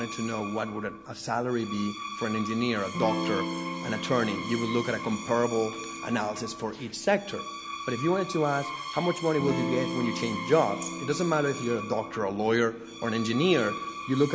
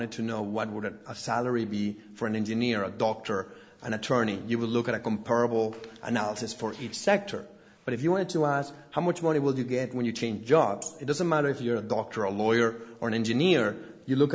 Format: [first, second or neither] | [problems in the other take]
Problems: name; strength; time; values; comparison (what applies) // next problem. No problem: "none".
second | background sound (Screech + Electric guitar / Strum); 7 dB below the speech